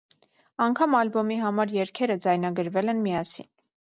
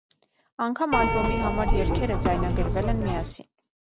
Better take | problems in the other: first | background sound (Keyboard (musical)); 5 dB above the speech

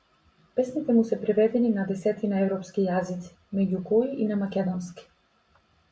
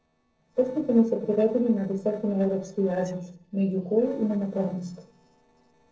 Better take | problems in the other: first | noise reduction (neural separator model SepFormer DNS4)

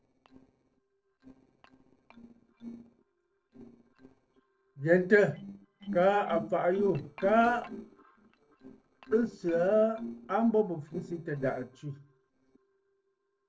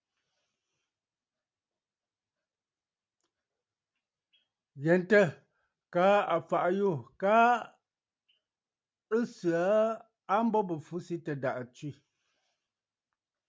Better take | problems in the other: second | noise reduction (neural separator model SepFormer DNS4)

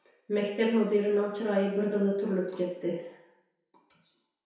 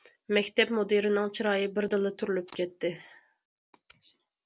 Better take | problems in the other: second | room echo; dies away in 0.7 s

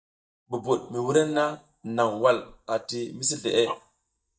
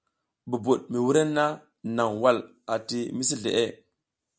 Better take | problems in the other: second | noise reduction (neural mask model DeepFilterNet 3)

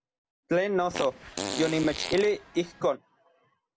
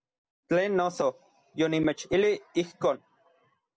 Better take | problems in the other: second | background sound (Fart); 8 dB below the speech

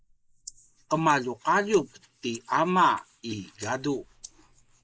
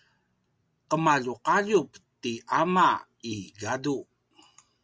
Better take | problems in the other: second | noise reduction (neural mask model Resemble Enhance denoiser)

